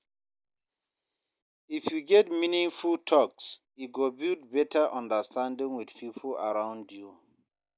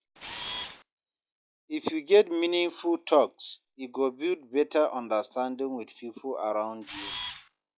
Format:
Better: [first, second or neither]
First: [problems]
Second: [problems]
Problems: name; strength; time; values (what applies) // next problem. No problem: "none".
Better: first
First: none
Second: noise reduction (classical method log-MMSE)